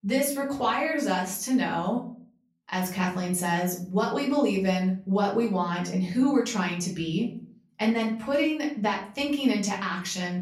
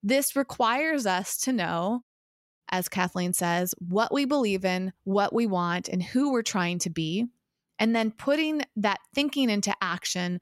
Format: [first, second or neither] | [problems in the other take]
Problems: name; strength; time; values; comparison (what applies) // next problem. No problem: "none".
second | room echo; slight; dies away in 0.5 s // off-mic speech; far